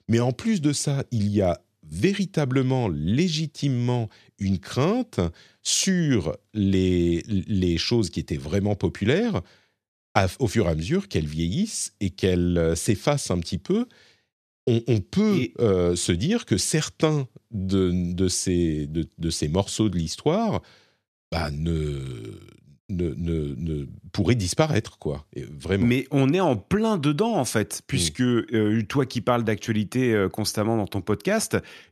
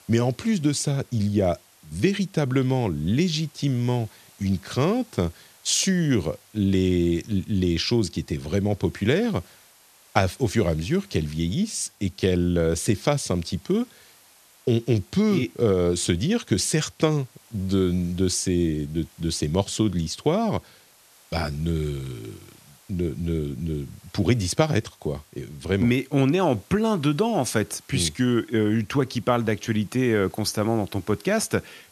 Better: first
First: none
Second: hiss; faint; throughout; 30 dB below the speech

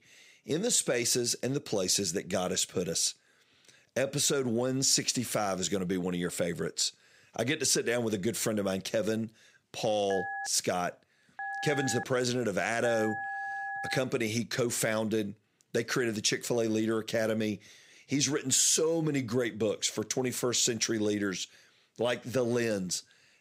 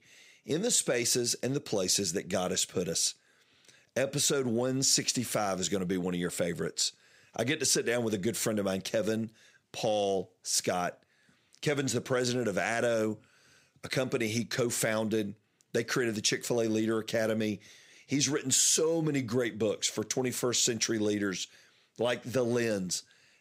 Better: second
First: phone ringing; noticeable; from 10 to 14 s; peak 6 dB below the speech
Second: none

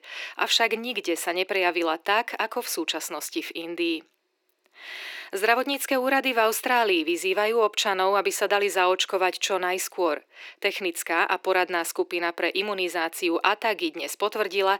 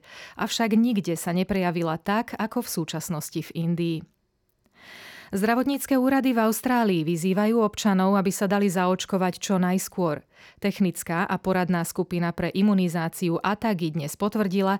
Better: second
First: thin; very; fading below 350 Hz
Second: none

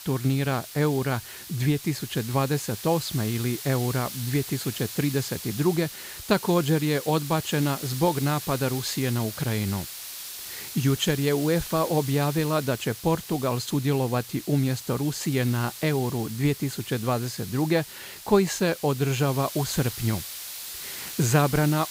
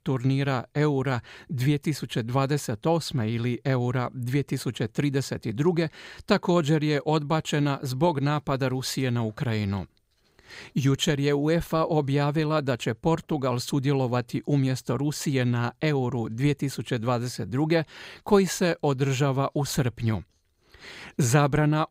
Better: second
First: hiss; noticeable; throughout; 10 dB below the speech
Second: none

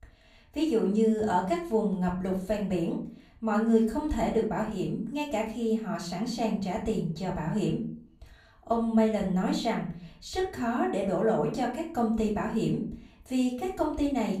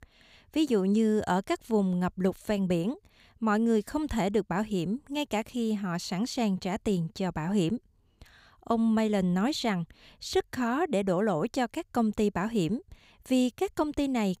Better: second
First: off-mic speech; far // room echo; slight; dies away in 0.4 s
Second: none

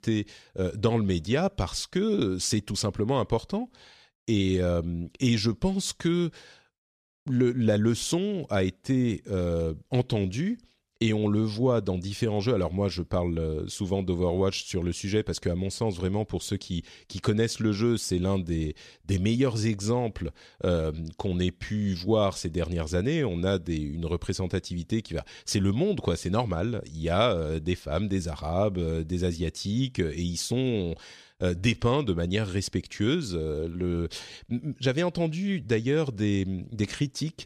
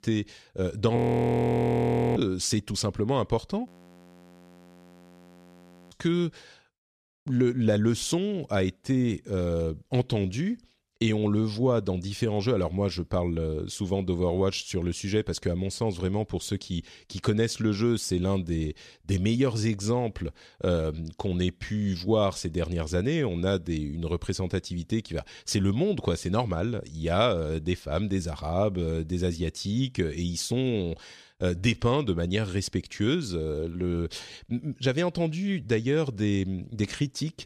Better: first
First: none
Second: audio freezing; at 1 s for 1 s and at 3.5 s for 2 s

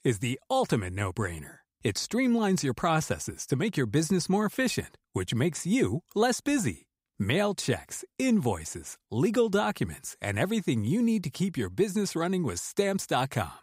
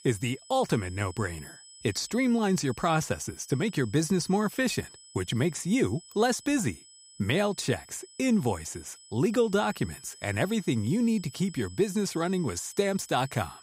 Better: first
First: none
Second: high-pitched whine; faint; throughout; 8 kHz, 20 dB below the speech

